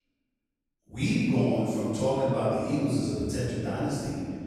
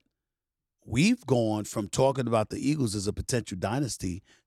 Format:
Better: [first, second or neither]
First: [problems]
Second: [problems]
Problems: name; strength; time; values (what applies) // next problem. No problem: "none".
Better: second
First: room echo; strong; dies away in 2 s // off-mic speech; far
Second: none